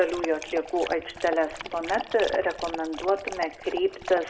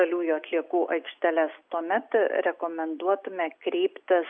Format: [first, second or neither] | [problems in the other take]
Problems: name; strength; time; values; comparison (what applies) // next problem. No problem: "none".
second | background sound (Dog); 10 dB below the speech // room echo; dies away in 1.8 s